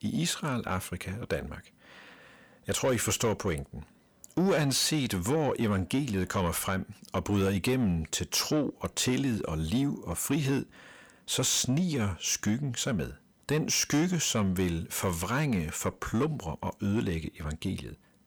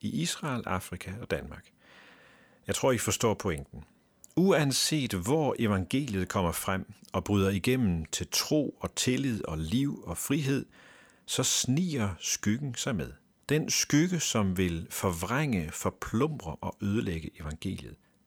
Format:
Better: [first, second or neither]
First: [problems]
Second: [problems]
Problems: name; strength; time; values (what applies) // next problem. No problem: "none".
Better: second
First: distortion; slight; 10 dB below the speech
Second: none